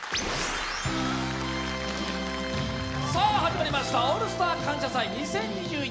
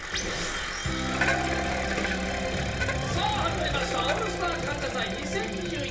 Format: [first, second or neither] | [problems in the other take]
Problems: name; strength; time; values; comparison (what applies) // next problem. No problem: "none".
first | background sound (Bicycle); 4 dB below the speech // room echo; dies away in 0.2 s